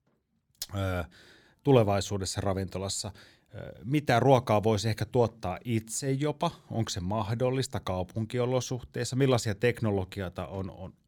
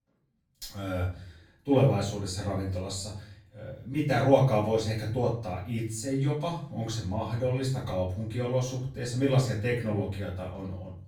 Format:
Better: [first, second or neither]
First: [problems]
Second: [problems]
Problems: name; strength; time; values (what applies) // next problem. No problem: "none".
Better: first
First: none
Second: off-mic speech; far // room echo; noticeable; dies away in 0.5 s